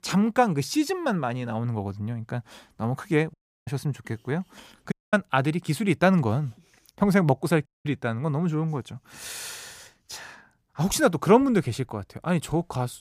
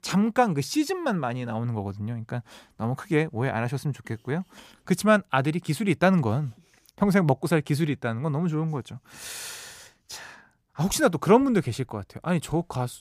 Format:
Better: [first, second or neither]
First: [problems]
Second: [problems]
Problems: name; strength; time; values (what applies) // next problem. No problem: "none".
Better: second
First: audio cutting out; at 3.5 s, at 5 s and at 7.5 s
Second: none